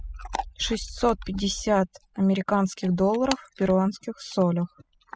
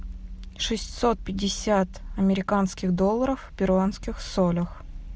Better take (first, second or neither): second